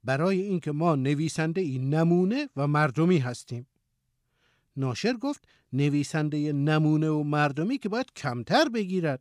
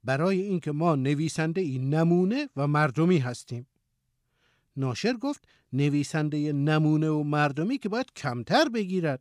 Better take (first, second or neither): neither